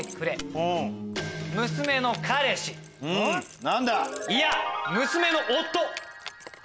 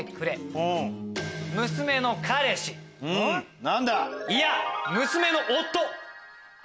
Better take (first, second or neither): second